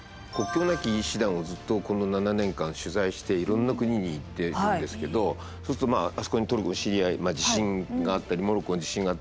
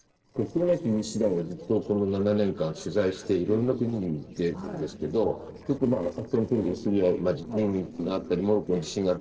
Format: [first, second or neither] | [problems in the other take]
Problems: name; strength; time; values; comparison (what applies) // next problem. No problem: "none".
first | noise reduction (neural separator model SepFormer DNS4)